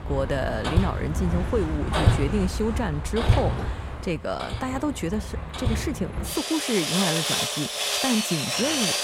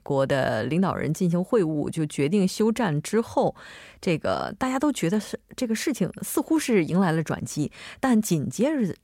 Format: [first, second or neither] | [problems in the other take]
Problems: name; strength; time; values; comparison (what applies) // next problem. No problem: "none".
second | machinery noise; very loud; throughout; 2 dB above the speech